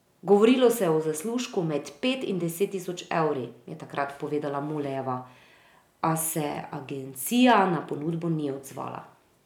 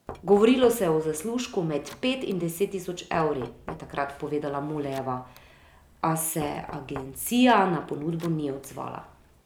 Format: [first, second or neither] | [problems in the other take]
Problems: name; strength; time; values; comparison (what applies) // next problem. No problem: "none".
first | background sound (Knock); 20 dB below the speech